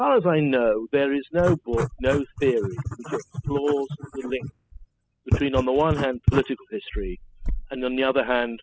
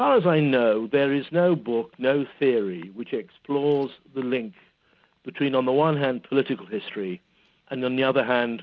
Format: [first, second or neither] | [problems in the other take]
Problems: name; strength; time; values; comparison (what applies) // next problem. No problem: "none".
second | noise reduction (classical method spectral subtraction)